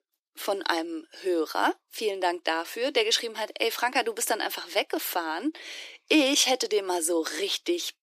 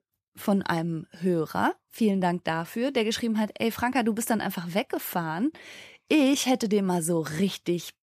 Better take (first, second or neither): second